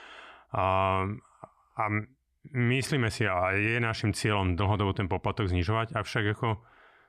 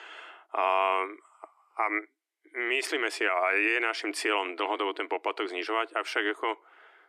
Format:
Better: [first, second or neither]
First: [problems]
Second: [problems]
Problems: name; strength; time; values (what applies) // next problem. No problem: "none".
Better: first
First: none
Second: thin; very; fading below 300 Hz